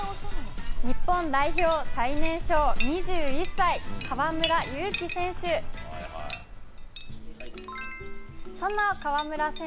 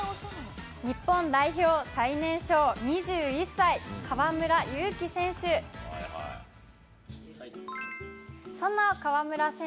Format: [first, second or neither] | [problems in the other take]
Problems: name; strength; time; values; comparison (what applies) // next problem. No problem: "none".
second | background sound (Chink, clink); 3 dB above the speech